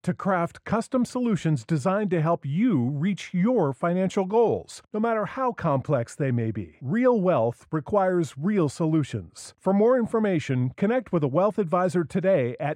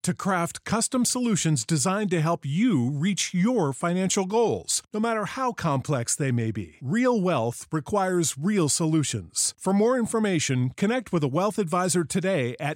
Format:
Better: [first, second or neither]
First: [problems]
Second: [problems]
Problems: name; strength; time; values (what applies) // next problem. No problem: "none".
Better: second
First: muffled; very; fading above 3.5 kHz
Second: none